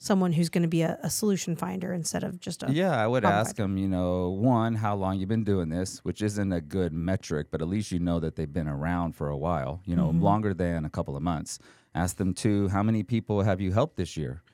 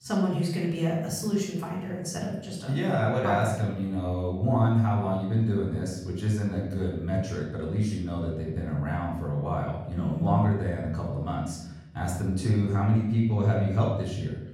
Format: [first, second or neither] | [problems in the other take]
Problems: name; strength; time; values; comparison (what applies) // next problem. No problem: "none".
first | off-mic speech; far // room echo; noticeable; dies away in 0.8 s